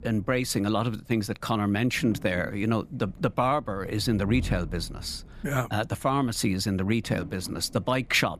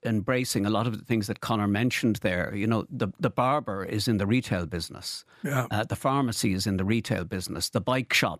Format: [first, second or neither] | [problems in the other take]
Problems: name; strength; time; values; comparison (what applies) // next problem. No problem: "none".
second | low rumble; faint; throughout; 20 dB below the speech